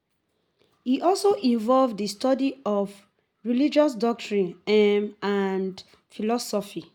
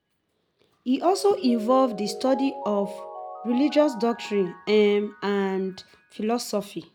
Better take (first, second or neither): first